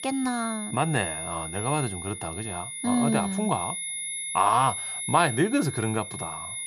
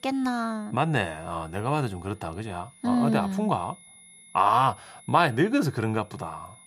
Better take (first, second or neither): second